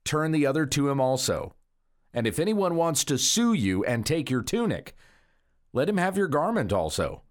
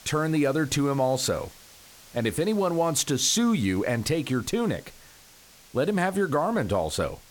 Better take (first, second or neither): first